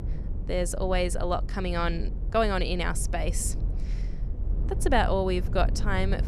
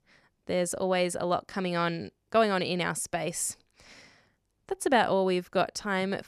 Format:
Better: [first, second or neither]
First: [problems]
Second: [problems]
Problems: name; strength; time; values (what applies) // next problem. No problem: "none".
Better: second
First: low rumble; noticeable; throughout; 20 dB below the speech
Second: none